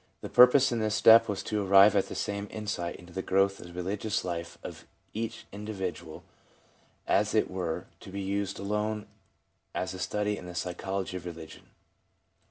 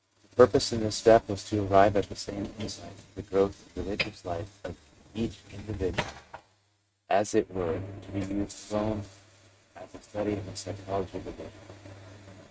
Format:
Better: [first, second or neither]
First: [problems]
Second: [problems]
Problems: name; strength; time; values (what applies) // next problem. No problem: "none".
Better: first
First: none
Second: noise reduction (neural mask model RNNoise)